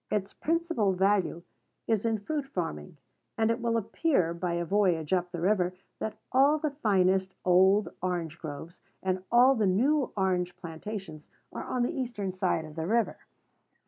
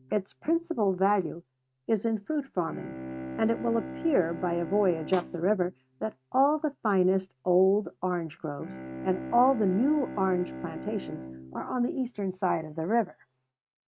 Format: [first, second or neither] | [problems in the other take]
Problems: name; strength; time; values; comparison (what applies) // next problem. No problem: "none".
first | noise reduction (neural mask model RNNoise)